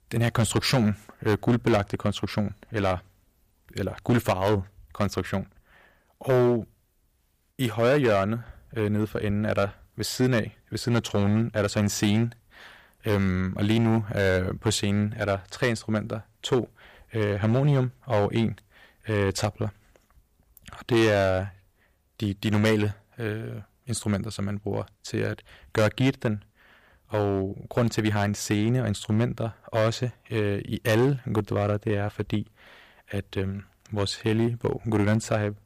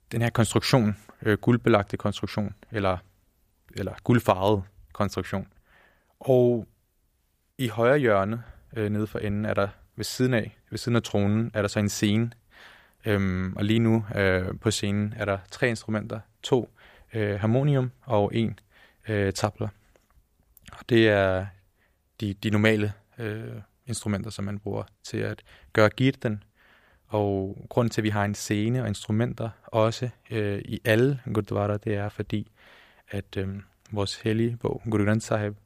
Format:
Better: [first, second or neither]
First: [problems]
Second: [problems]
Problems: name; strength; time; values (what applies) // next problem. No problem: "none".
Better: second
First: distortion; slight; 4% of the sound clipped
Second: none